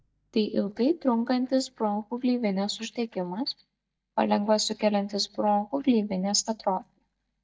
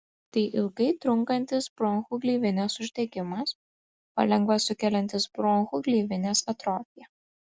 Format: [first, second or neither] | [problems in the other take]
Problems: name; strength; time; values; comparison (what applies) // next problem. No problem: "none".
second | noise reduction (neural mask model DeepFilterNet 3)